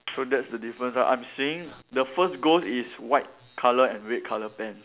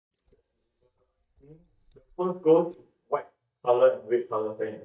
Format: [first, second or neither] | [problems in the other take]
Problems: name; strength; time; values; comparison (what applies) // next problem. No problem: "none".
first | noise reduction (neural mask model DeepFilterNet 3)